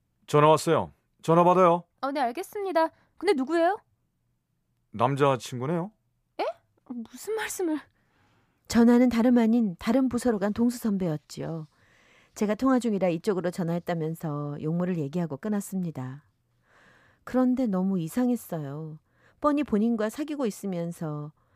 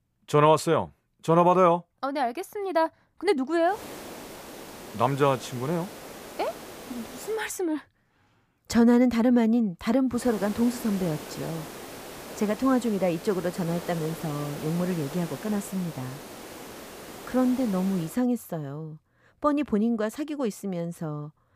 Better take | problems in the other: first | hiss; noticeable; from 3.5 to 7.5 s and from 10 to 18 s; 15 dB below the speech

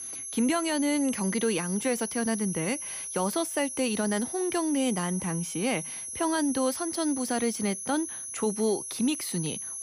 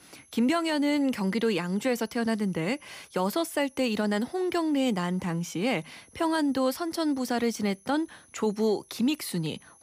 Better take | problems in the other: second | high-pitched whine; loud; throughout; 10.5 kHz, 5 dB below the speech; faint in the second

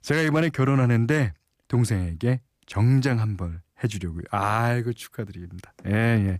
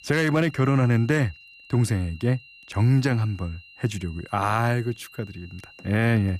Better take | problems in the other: first | high-pitched whine; faint; throughout; 3 kHz, 20 dB below the speech

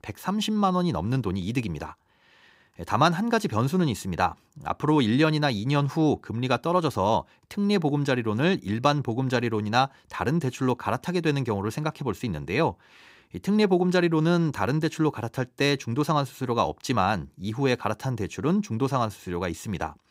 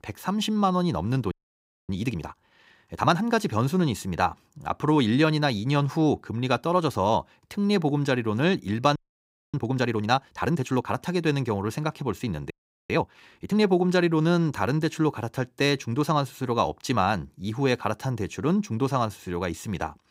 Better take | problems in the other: first | audio freezing; at 1.5 s for 0.5 s, at 9 s for 0.5 s and at 13 s

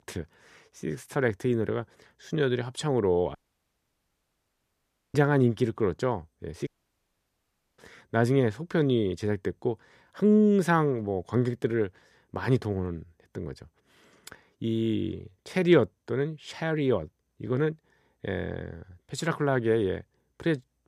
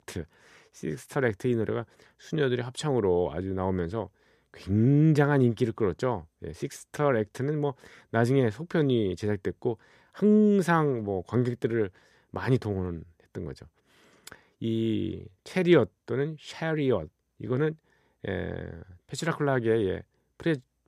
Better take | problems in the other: second | audio cutting out; at 3.5 s for 2 s and at 6.5 s for 1 s

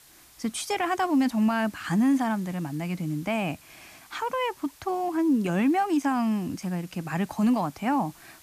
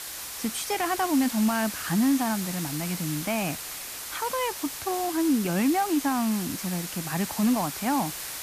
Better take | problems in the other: first | hiss; loud; throughout; 6 dB below the speech; faint in the first

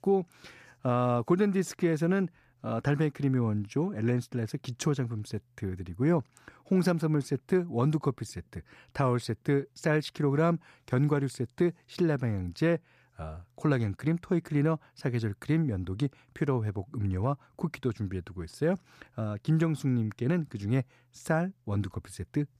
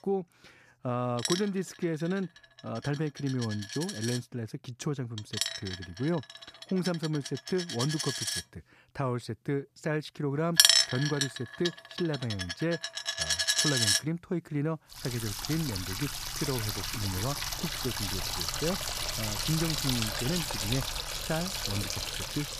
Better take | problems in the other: first | household noises; very loud; throughout; 4 dB above the speech

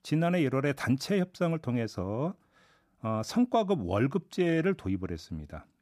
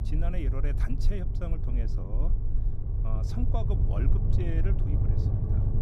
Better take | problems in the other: first | low rumble; loud; throughout; 2 dB below the speech

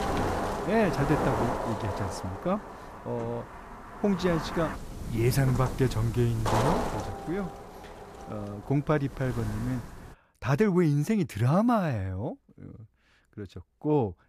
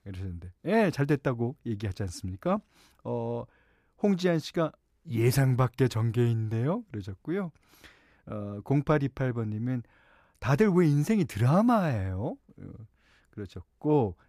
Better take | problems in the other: second | wind noise on the microphone; heavy; until 10 s; 2 dB below the speech

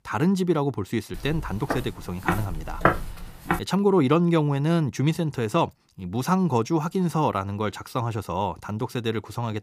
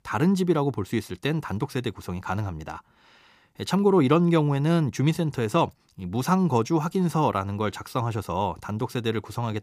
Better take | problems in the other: second | footsteps; loud; from 1 to 3.5 s; peak 2 dB above the speech

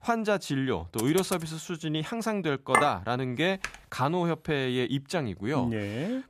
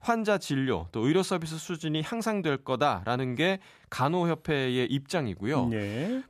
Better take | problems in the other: second | keyboard typing; noticeable; at 1 s and at 3.5 s; peak 7 dB below the speech // clattering dishes; loud; at 2.5 s; peak 3 dB above the speech

